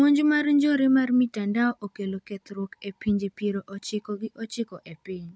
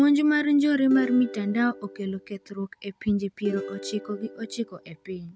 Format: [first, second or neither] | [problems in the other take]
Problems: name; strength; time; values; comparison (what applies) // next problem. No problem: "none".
first | background sound (Plucked string instrument); 13 dB below the speech